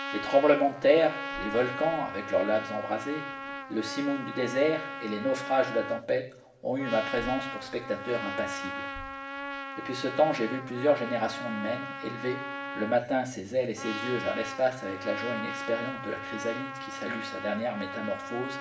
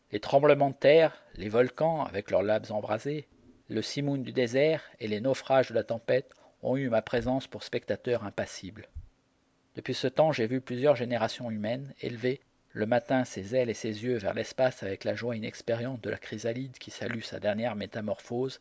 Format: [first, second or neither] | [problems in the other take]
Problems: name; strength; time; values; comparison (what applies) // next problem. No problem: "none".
second | background sound (Trumpet); 8 dB below the speech // room echo; dies away in 0.7 s